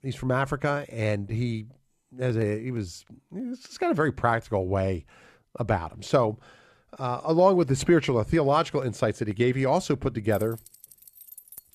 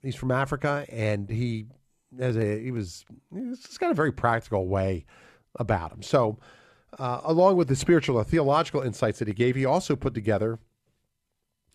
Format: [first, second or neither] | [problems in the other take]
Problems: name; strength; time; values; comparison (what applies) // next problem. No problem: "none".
second | jangling keys; faint; from 10 s on; peak 15 dB below the speech